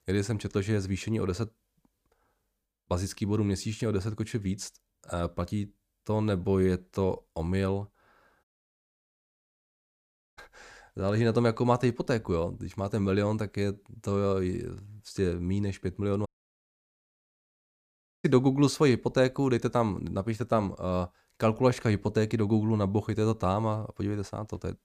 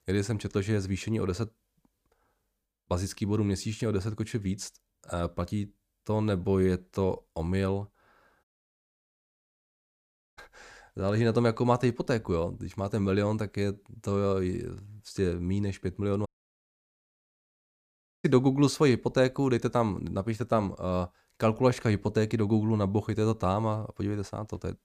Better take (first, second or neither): neither